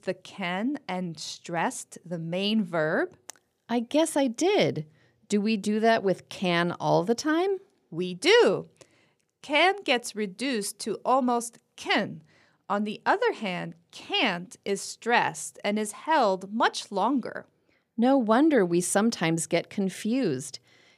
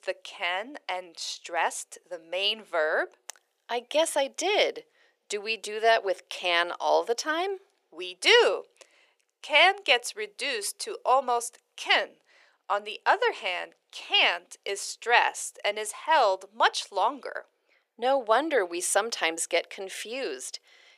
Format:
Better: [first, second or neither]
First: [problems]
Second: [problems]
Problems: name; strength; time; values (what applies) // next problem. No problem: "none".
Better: first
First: none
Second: thin; very; fading below 450 Hz